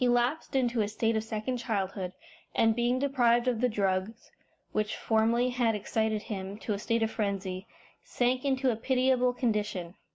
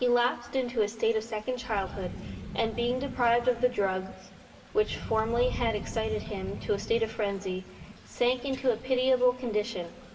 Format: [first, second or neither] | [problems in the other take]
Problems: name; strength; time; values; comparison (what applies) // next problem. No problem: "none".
first | background sound (Thunder / Rain); 12 dB below the speech // room echo; dies away in 2.8 s